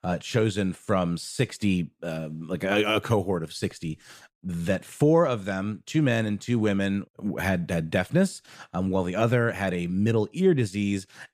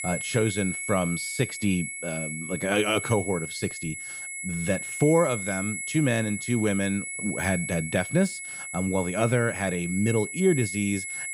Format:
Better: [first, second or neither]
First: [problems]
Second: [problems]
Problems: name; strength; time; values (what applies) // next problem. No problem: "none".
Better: first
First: none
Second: high-pitched whine; loud; throughout; 2 kHz, 6 dB below the speech